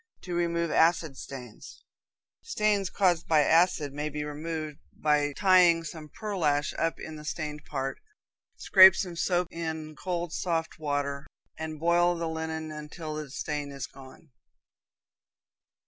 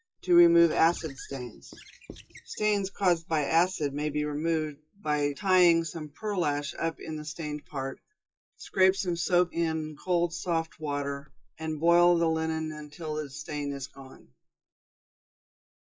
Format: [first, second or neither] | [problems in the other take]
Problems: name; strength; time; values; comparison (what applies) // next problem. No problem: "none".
first | noise reduction (classical method WPE with log-MMSE)